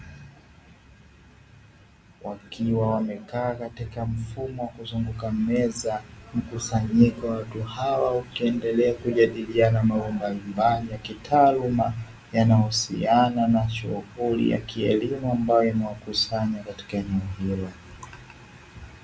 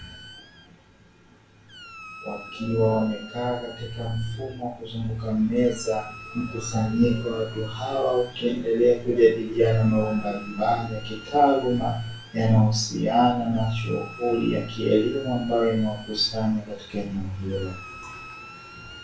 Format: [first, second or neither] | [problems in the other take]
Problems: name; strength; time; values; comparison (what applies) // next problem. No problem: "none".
first | background sound (Squeak); 20 dB below the speech // room echo; dies away in 0.3 s